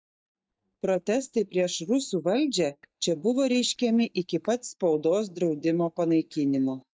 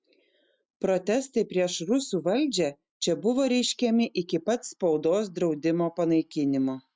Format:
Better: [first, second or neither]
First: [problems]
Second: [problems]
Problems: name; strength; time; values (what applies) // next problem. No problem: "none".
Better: second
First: noise reduction (neural mask model DeepFilterNet 3)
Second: none